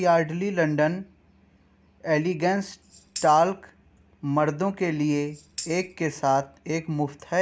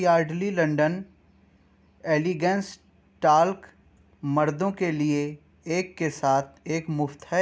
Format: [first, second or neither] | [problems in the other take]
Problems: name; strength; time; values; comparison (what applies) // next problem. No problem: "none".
second | background sound (Tambourine); 16 dB below the speech